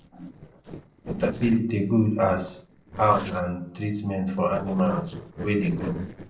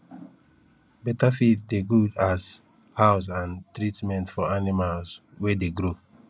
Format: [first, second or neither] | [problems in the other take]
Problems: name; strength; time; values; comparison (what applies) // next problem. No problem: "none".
second | noise reduction (neural separator model SepFormer DNS4)